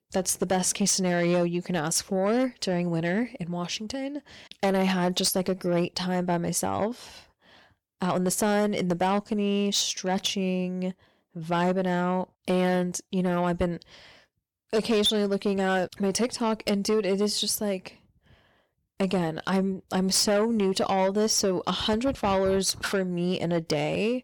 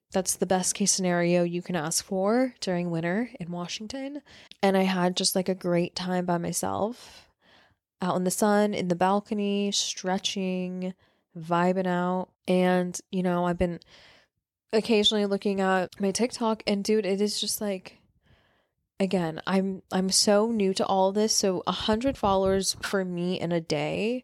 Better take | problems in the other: second | distortion; slight; 10 dB below the speech

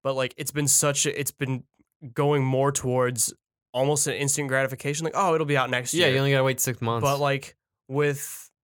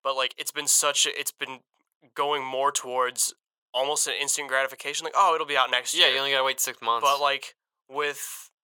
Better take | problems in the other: first | thin; very; fading below 700 Hz

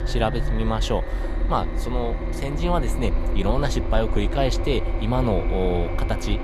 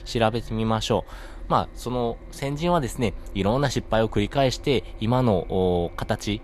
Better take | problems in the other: second | low rumble; loud; throughout; 7 dB below the speech; faint in the second

